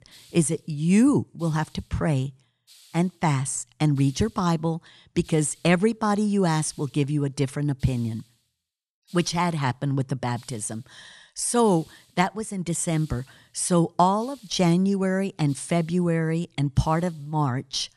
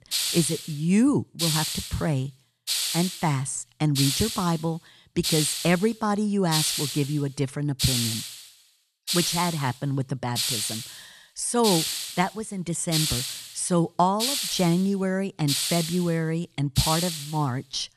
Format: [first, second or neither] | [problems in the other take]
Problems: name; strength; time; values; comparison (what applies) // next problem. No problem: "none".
first | hiss; loud; throughout; 1 dB below the speech; faint in the first